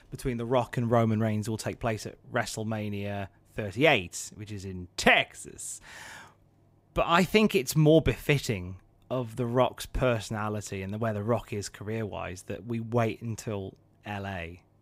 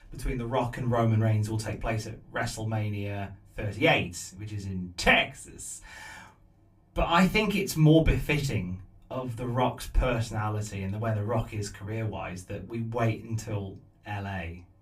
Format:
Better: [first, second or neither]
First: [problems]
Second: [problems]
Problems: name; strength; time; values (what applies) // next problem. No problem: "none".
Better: first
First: none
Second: off-mic speech; somewhat distant // room echo; very slight; dies away in 0.2 s